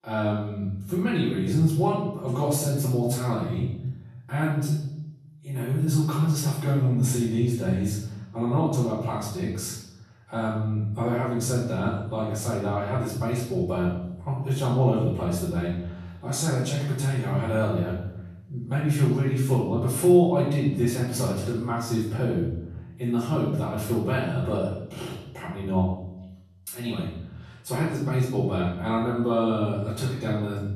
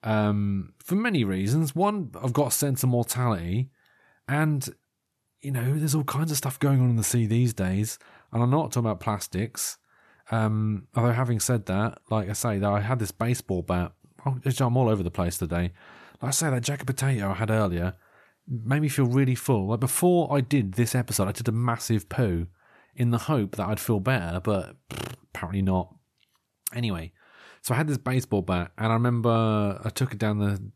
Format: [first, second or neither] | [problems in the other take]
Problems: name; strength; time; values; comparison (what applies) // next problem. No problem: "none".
second | off-mic speech; far // room echo; noticeable; dies away in 0.9 s